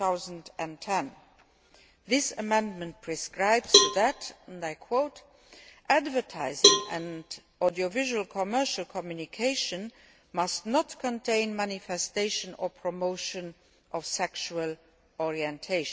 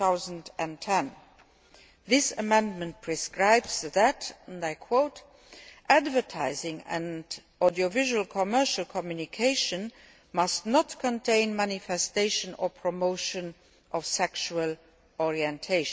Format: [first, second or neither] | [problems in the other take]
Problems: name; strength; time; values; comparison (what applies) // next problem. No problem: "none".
second | background sound (Cowbell); 3 dB above the speech